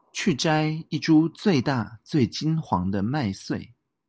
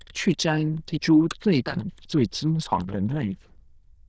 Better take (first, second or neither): first